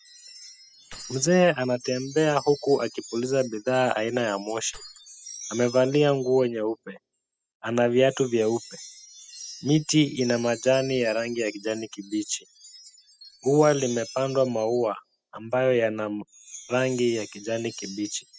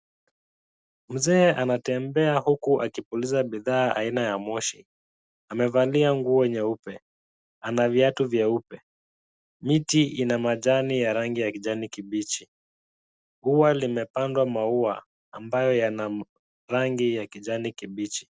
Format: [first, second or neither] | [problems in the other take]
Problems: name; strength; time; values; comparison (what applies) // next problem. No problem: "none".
second | noise reduction (classical method spectral subtraction)